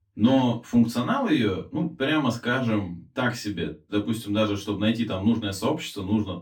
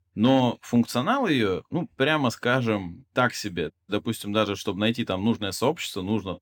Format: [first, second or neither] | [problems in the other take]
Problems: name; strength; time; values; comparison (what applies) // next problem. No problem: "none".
second | off-mic speech; far // room echo; very slight; dies away in 0.2 s